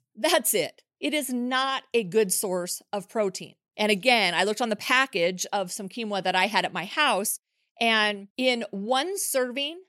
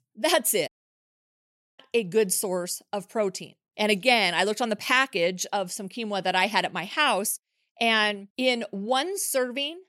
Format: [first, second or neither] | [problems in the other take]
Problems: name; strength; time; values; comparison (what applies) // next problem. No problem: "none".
first | audio cutting out; at 0.5 s for 1 s